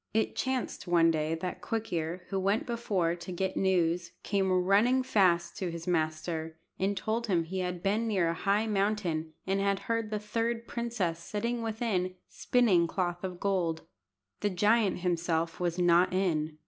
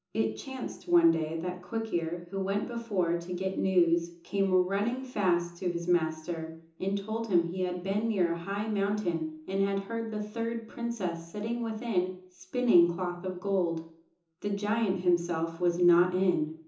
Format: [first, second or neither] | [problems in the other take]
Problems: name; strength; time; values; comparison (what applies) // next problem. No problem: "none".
first | room echo; dies away in 0.7 s